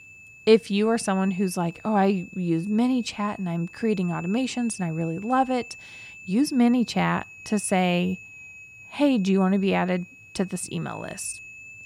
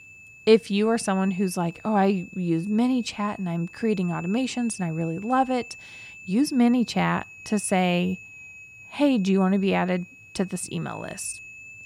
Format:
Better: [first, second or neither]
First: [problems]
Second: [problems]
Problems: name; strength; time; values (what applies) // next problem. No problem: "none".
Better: neither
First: high-pitched whine; noticeable; throughout; 2.5 kHz, 20 dB below the speech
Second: high-pitched whine; noticeable; throughout; 2.5 kHz, 20 dB below the speech